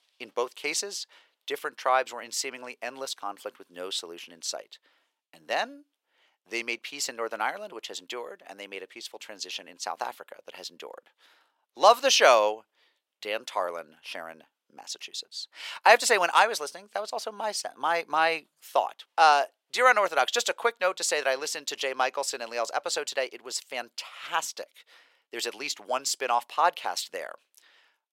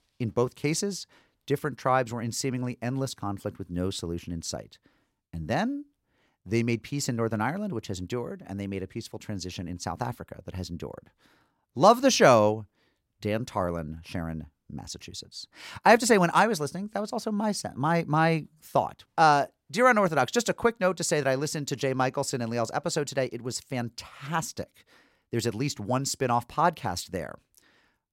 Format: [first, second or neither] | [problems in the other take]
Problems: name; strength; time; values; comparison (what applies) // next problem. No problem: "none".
second | thin; very; fading below 500 Hz